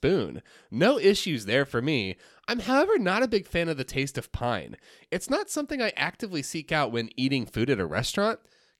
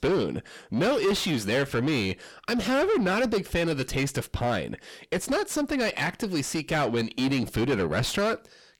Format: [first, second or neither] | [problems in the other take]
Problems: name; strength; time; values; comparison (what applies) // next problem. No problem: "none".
first | distortion; heavy; 6 dB below the speech